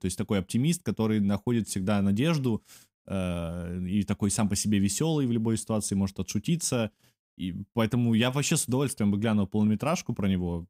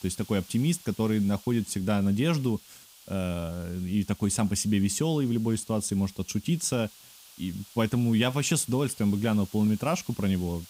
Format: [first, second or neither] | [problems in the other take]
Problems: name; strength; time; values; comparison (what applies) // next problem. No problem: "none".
first | hiss; faint; throughout; 20 dB below the speech